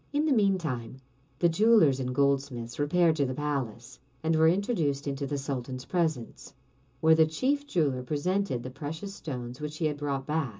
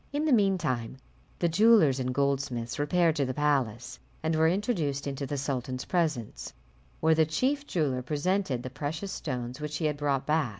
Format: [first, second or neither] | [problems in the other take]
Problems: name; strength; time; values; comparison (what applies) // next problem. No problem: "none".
second | room echo; dies away in 0.2 s